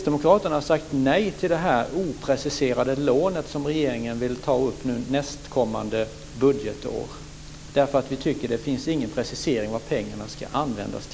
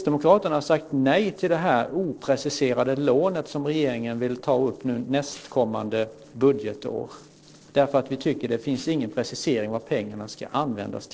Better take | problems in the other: first | noise reduction (neural separator model SepFormer DNS4)

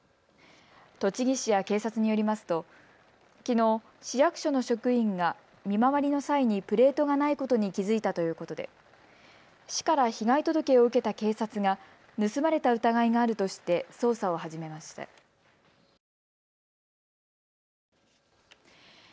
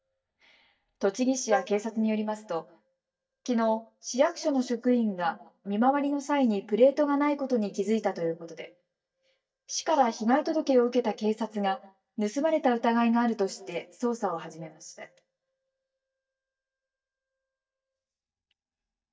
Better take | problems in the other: first | noise reduction (neural mask model DeepFilterNet 3)

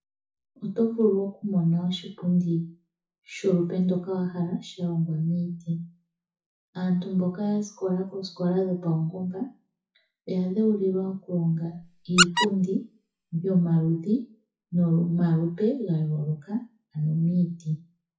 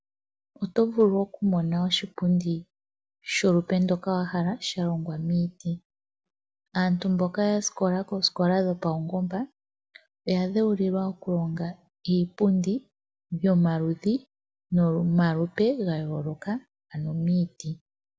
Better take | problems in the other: second | noise reduction (classical method WPE with log-MMSE)

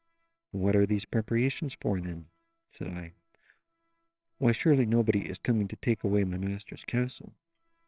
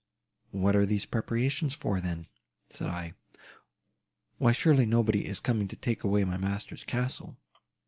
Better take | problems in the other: second | noise reduction (neural separator model SepFormer WHAMR!)

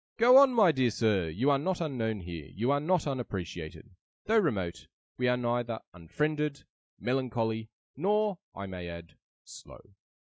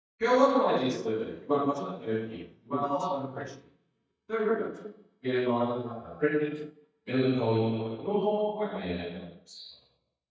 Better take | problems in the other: first | noise reduction (neural mask model DeepFilterNet 3)

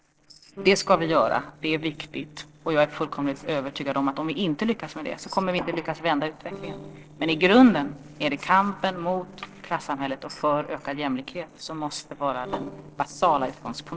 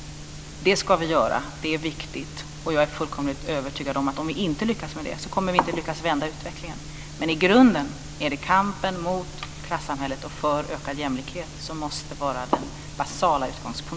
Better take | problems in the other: second | noise reduction (neural separator model SepFormer DNS4)

